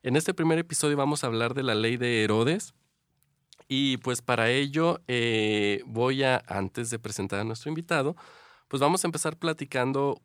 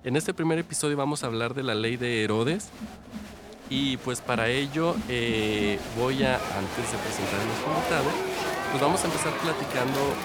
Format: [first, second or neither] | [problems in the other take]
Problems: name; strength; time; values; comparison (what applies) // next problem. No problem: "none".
first | crowd noise; loud; throughout; 4 dB below the speech